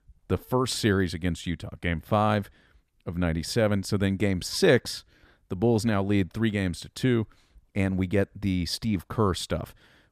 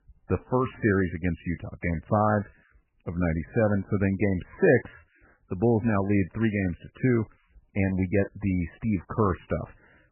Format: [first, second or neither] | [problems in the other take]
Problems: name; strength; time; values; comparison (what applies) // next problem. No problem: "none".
first | garbled, watery; badly; nothing above 2.5 kHz